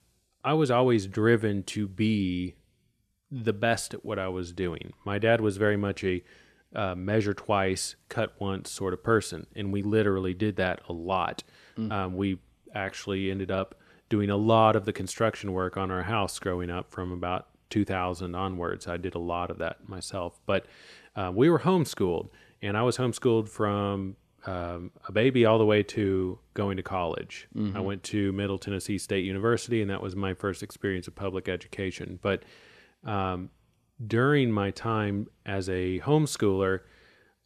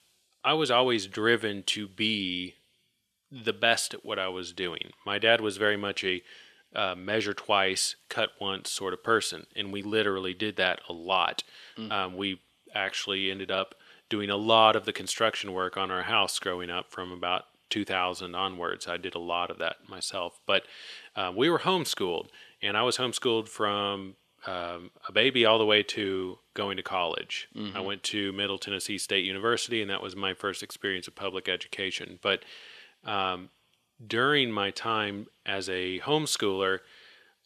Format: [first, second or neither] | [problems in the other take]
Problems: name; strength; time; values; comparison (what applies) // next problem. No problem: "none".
first | thin; somewhat; fading below 700 Hz